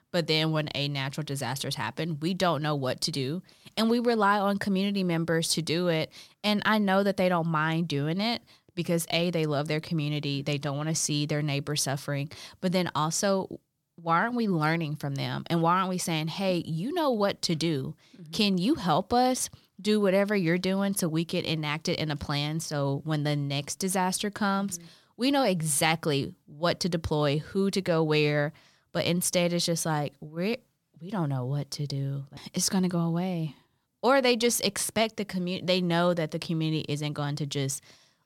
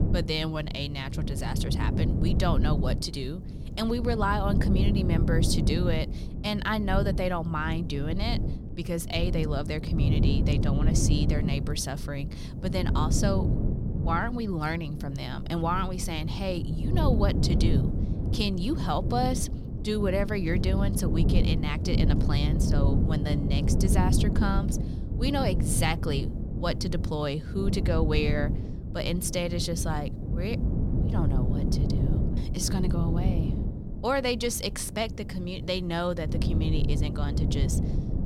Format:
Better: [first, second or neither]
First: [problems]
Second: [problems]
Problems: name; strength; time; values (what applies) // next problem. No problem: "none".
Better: first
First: none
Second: wind noise on the microphone; heavy; 7 dB below the speech